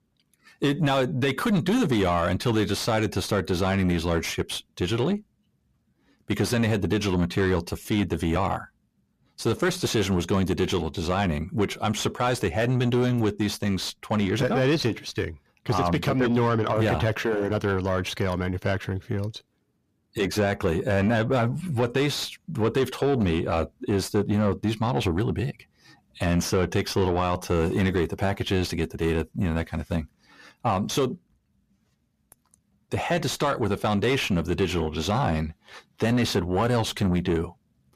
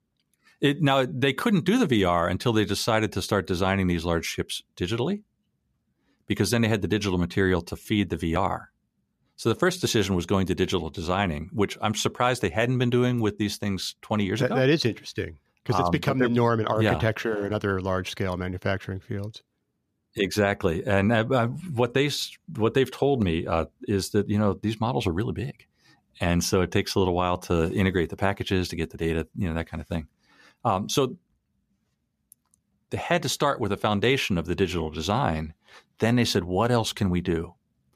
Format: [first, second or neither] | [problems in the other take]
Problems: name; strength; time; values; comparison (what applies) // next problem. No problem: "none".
second | distortion; slight; 10 dB below the speech